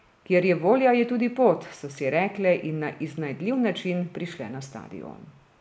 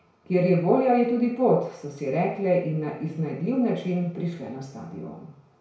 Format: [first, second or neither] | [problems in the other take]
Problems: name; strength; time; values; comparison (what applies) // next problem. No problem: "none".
first | room echo; dies away in 0.5 s